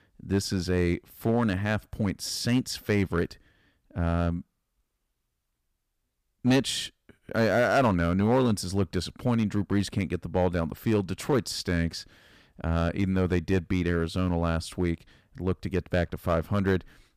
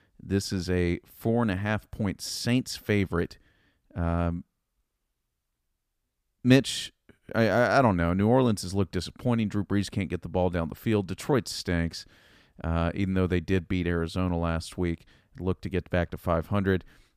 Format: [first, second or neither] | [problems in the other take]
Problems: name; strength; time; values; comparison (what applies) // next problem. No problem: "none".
second | distortion; slight; 2% of the sound clipped